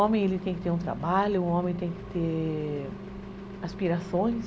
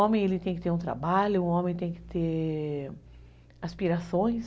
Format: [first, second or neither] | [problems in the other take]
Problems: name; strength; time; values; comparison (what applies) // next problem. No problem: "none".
second | background sound (Engine); 11 dB below the speech